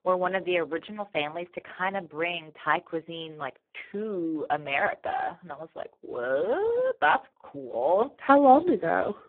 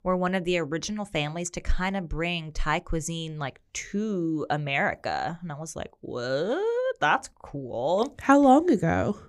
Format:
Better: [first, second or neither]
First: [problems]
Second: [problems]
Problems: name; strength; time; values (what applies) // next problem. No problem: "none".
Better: second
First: phone-call audio; poor line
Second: none